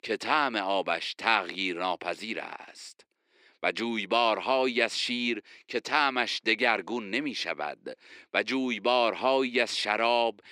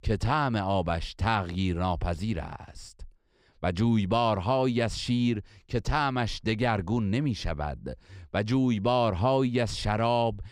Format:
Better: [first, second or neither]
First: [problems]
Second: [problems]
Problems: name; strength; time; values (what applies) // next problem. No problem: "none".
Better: second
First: thin; somewhat; fading below 300 Hz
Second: none